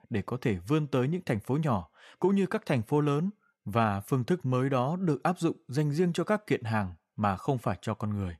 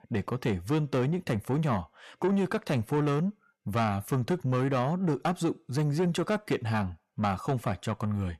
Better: first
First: none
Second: distortion; slight; 10 dB below the speech

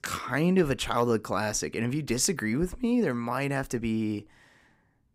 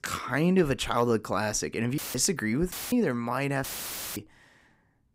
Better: first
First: none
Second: audio cutting out; filled with static; at 2 s, at 2.5 s and at 3.5 s for 0.5 s

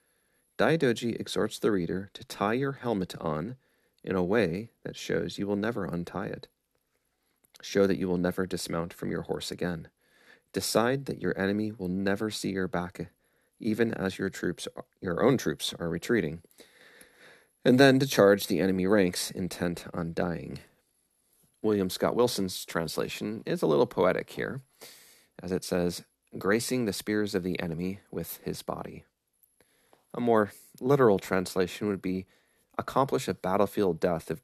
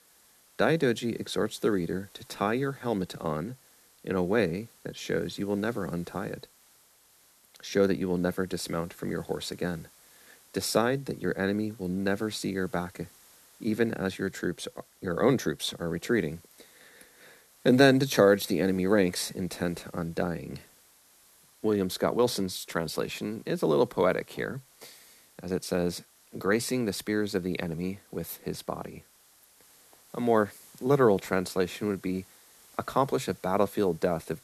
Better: first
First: none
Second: hiss; faint; throughout; 25 dB below the speech

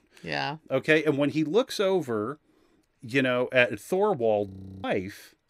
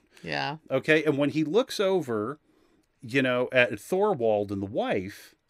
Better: second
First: audio freezing; at 4.5 s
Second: none

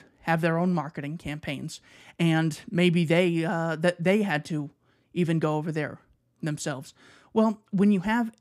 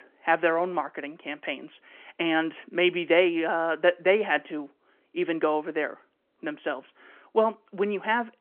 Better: first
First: none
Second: phone-call audio; nothing above 3 kHz

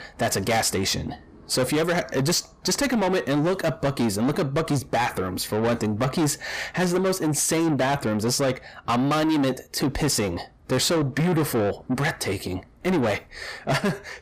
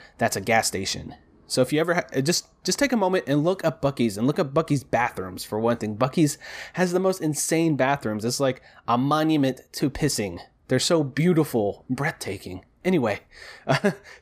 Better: second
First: distortion; heavy; 7 dB below the speech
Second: none

